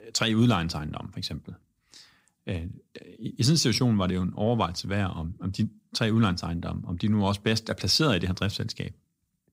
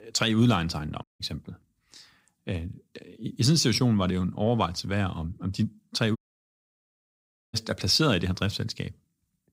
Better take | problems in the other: first | audio cutting out; at 1 s and at 6 s for 1.5 s

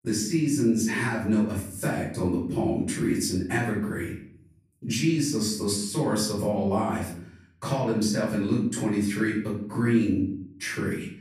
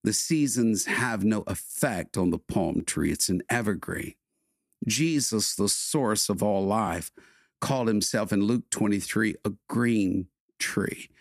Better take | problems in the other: second | room echo; noticeable; dies away in 0.6 s // off-mic speech; far

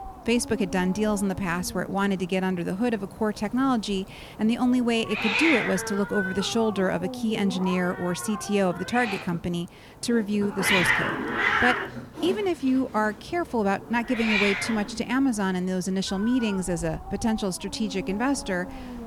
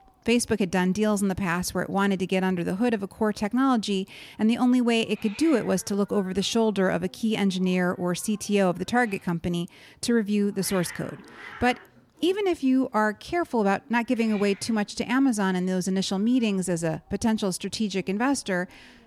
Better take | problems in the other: second | hiss; loud; throughout; 3 dB below the speech; faint in the second

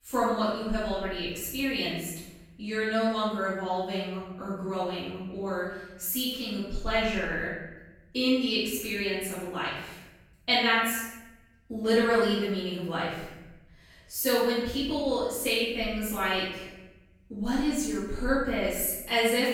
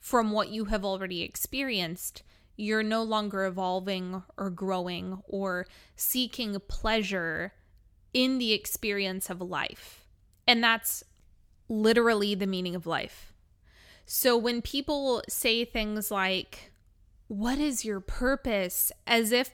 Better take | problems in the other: second | room echo; strong; dies away in 1 s // off-mic speech; far

